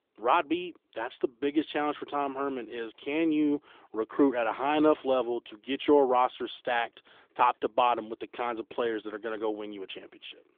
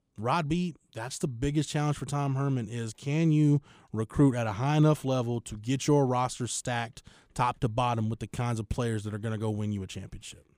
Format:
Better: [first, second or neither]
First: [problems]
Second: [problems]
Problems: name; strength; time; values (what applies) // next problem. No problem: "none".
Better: second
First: phone-call audio; nothing above 3.5 kHz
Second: none